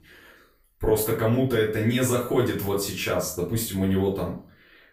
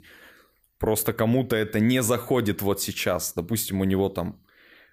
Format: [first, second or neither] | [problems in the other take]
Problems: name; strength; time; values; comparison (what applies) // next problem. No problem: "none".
second | off-mic speech; far // room echo; slight; dies away in 0.3 s